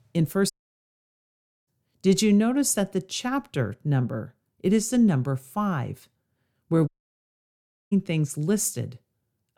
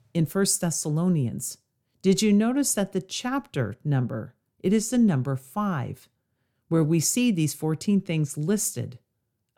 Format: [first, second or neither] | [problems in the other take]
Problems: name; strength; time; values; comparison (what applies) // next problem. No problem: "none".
second | audio cutting out; at 0.5 s for 1 s and at 7 s for 1 s